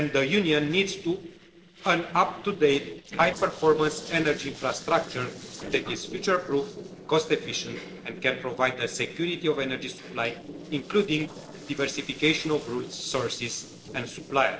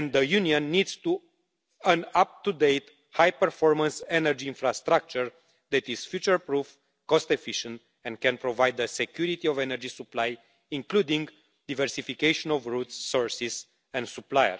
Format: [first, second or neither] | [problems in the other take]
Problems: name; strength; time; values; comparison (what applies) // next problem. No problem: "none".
second | noise reduction (neural separator model SepFormer DNS4)